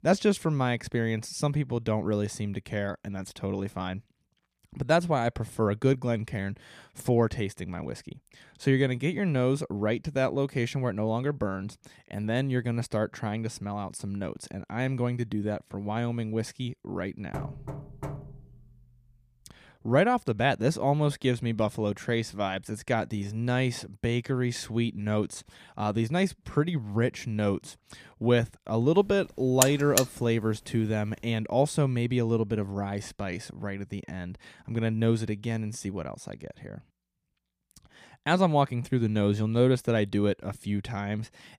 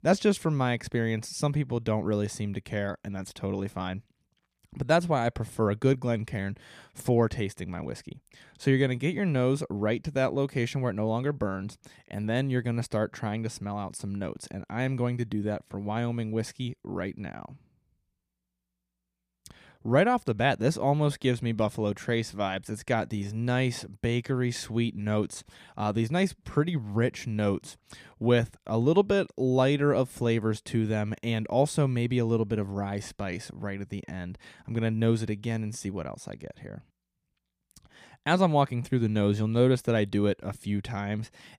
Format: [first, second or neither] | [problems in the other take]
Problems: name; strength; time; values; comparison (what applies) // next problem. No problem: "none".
second | door banging; noticeable; from 17 to 19 s; peak 10 dB below the speech // alarm; loud; at 30 s; peak 4 dB above the speech